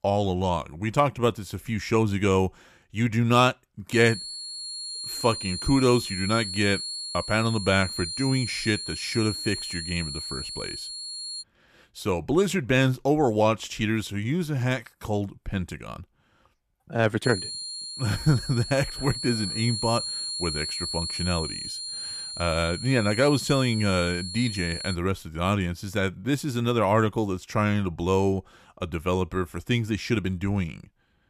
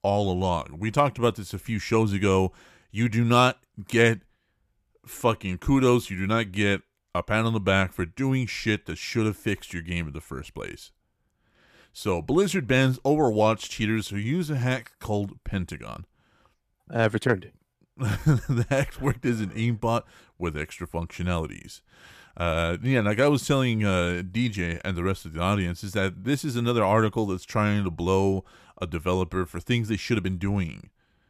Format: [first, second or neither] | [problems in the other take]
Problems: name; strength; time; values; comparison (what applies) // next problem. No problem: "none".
second | high-pitched whine; loud; from 4 to 11 s and from 17 to 25 s; 4.5 kHz, 6 dB below the speech